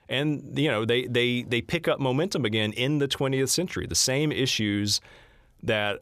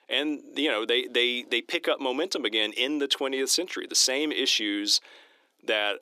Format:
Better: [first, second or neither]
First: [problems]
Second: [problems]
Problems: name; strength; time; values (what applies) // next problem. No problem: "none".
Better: first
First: none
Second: thin; somewhat; fading below 300 Hz